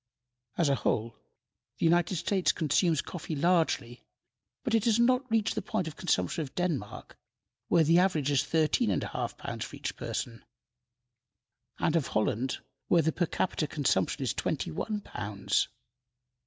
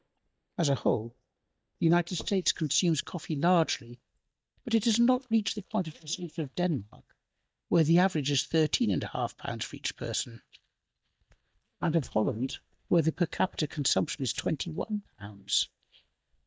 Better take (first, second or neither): first